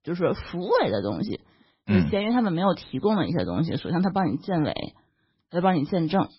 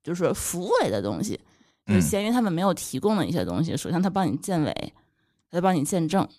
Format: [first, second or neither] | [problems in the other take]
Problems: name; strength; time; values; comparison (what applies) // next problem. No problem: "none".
second | garbled, watery; badly; nothing above 5.5 kHz